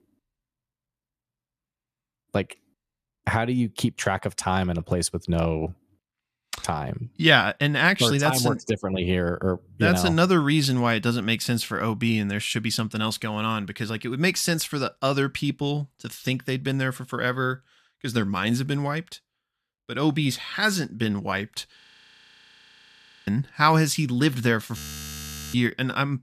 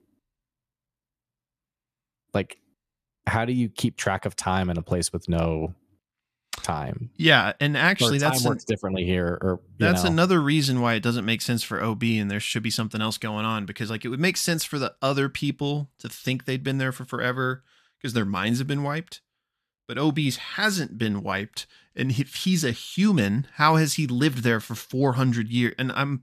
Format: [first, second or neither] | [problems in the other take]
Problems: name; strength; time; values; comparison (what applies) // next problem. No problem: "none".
second | audio freezing; at 22 s for 1.5 s and at 25 s for 1 s